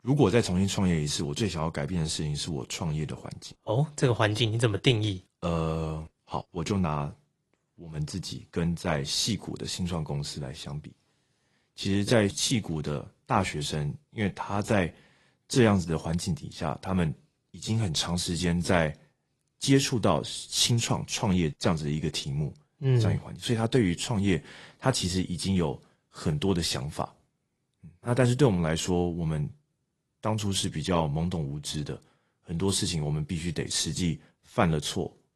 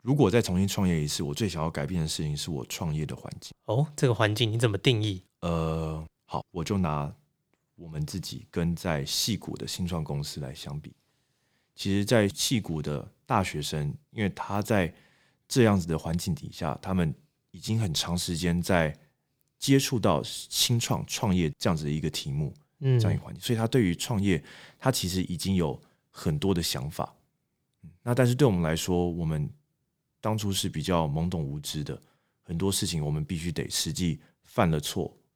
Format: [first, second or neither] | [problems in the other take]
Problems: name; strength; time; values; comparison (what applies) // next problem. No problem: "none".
second | garbled, watery; slightly; nothing above 11.5 kHz